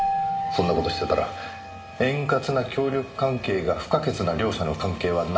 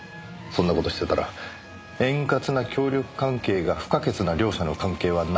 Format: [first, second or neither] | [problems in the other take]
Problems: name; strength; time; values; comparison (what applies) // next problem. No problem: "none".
second | background sound (Keyboard (musical)); 8 dB below the speech // room echo; dies away in 1.6 s